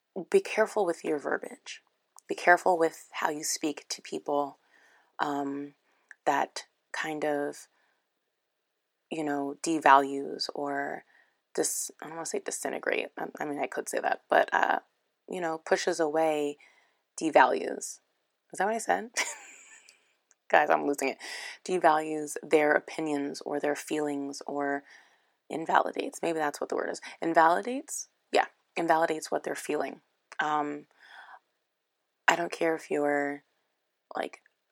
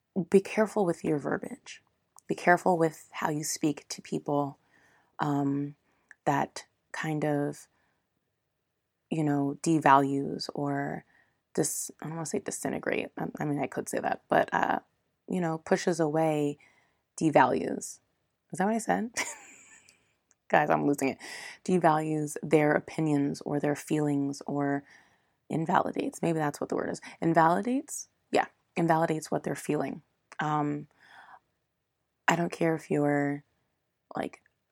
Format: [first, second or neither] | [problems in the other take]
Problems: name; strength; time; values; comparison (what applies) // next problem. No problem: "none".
second | thin; somewhat; fading below 450 Hz